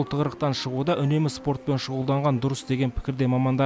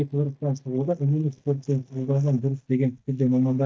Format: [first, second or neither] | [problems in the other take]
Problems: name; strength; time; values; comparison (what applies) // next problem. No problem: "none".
first | noise reduction (neural mask model DeepFilterNet 3)